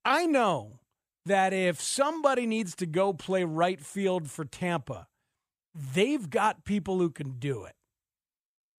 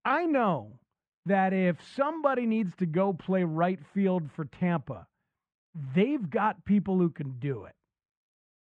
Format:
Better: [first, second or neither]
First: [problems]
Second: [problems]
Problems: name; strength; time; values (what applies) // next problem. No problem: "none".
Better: first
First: none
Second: muffled; very; fading above 2 kHz